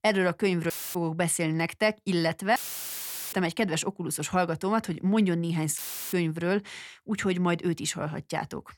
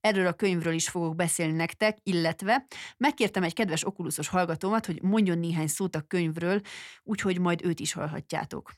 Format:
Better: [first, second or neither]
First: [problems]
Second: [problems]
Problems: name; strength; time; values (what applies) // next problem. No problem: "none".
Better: second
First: audio cutting out; filled with static; at 0.5 s, at 2.5 s for 1 s and at 6 s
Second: none